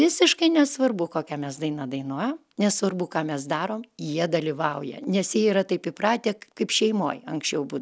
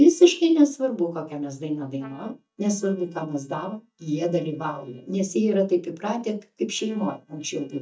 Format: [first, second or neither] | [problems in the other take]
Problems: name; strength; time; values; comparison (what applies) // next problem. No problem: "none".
first | noise reduction (neural mask model DeepFilterNet 3)